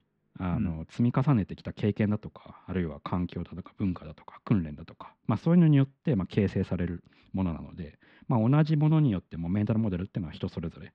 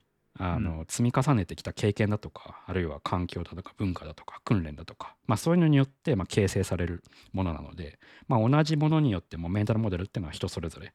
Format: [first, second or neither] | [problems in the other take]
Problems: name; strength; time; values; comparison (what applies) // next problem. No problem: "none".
second | muffled; slightly; fading above 3.5 kHz